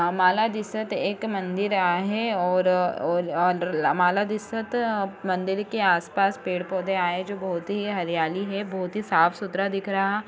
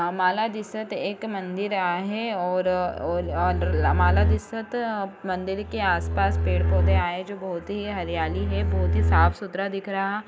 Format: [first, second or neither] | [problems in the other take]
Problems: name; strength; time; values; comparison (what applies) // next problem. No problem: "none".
first | background sound (Bowed string instrument); 3 dB above the speech